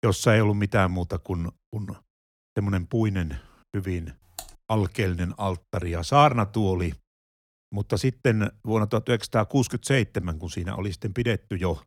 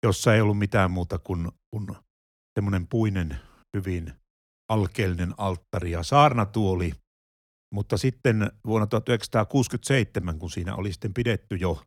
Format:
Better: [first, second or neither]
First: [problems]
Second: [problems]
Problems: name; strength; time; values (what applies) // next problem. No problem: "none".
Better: second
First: keyboard typing; faint; at 4.5 s; peak 15 dB below the speech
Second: none